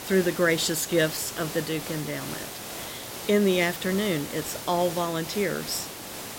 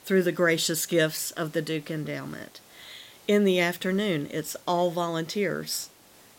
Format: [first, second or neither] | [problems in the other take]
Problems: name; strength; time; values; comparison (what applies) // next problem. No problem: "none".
second | hiss; loud; throughout; 9 dB below the speech; faint in the second